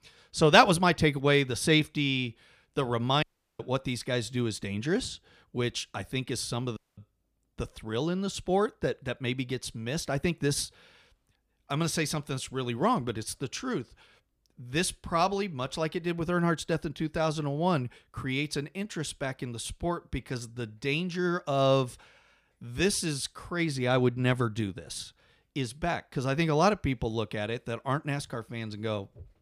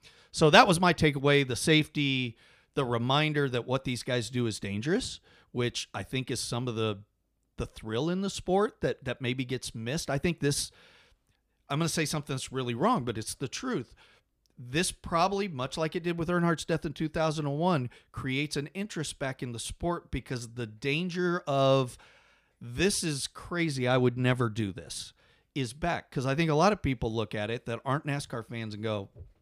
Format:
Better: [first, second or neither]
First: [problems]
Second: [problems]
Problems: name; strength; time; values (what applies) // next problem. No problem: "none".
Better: second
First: audio cutting out; at 3 s and at 7 s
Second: none